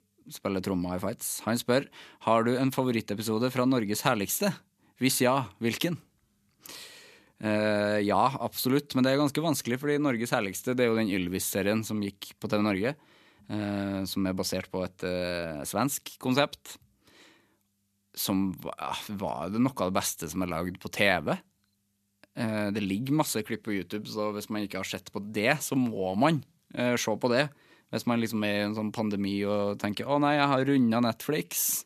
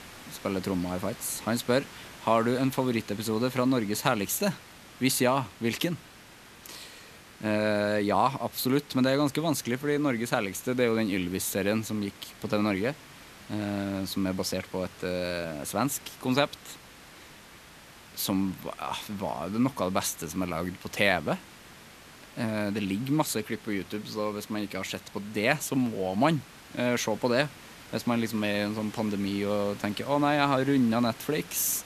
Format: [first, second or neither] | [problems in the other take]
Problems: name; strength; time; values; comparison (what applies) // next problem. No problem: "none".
first | hiss; noticeable; throughout; 20 dB below the speech